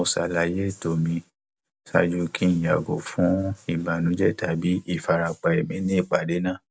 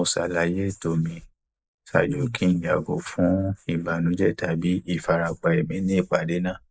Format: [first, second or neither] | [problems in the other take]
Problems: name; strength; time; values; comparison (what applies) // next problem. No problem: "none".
first | noise reduction (neural mask model Resemble Enhance denoiser)